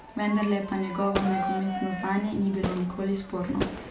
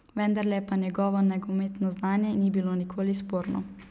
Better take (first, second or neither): second